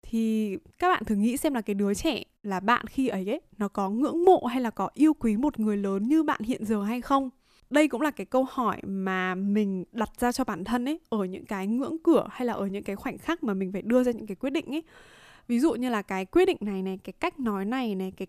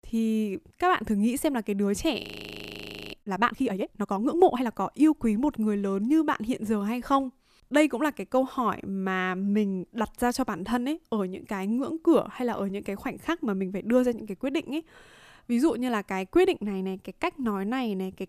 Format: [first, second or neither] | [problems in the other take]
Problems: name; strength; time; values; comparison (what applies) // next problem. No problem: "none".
first | audio freezing; at 2 s for 1 s